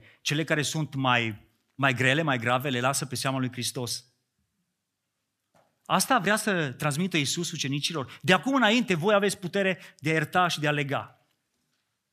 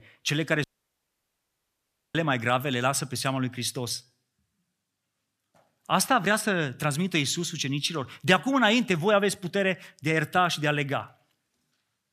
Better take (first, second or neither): first